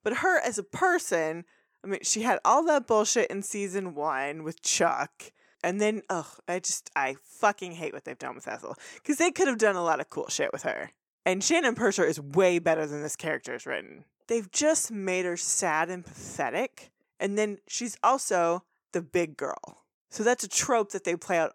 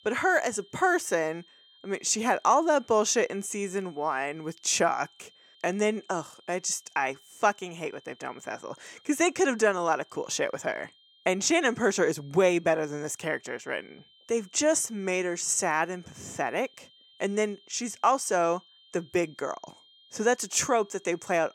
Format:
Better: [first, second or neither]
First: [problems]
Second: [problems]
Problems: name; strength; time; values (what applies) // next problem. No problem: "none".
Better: first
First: none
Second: high-pitched whine; faint; throughout; 3 kHz, 30 dB below the speech